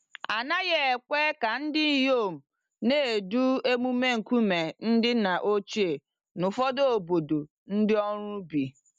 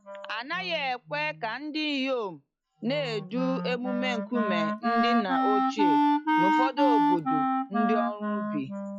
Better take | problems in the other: first | noise reduction (classical method log-MMSE)

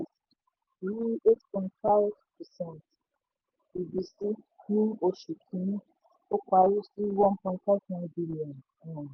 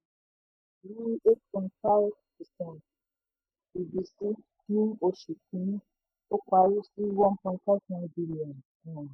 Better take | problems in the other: first | noise reduction (neural mask model DeepFilterNet 3)

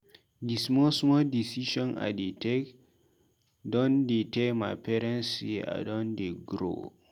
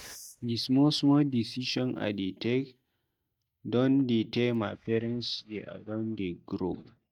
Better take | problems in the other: first | noise reduction (neural mask model DeepFilterNet 3)

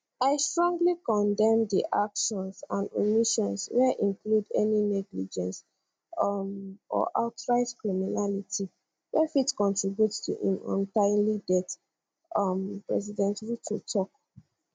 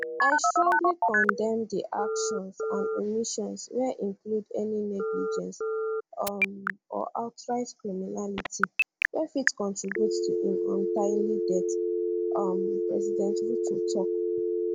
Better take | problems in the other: first | background sound (Telephone); 3 dB above the speech

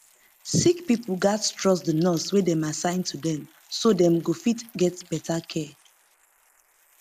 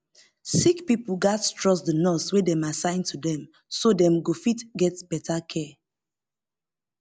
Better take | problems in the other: second | noise reduction (neural mask model Resemble Enhance denoiser)

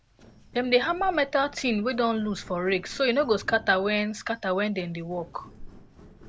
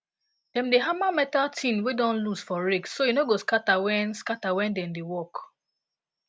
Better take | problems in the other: second | background sound (Walk, footsteps); 20 dB below the speech

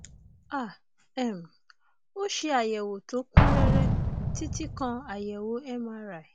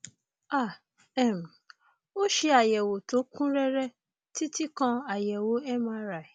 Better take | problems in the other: second | background sound (Explosion); 5 dB above the speech

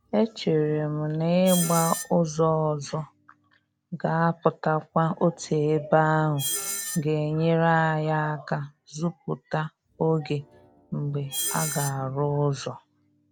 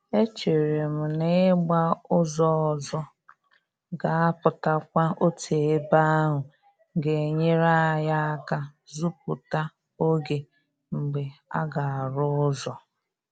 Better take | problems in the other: second | background sound (Screech); 13 dB below the speech

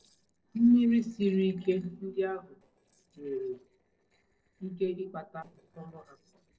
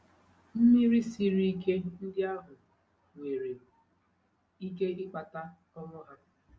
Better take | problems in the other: second | noise reduction (neural separator model SepFormer DNS4)

